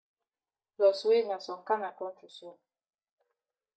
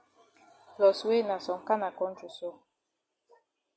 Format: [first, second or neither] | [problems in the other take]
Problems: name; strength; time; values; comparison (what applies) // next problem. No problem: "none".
second | noise reduction (neural mask model DeepFilterNet 3)